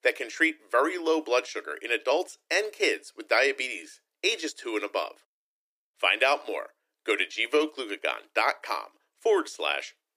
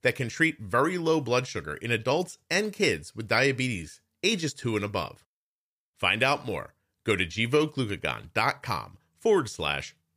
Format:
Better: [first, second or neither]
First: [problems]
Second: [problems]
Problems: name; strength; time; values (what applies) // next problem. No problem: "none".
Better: second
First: thin; very; fading below 300 Hz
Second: none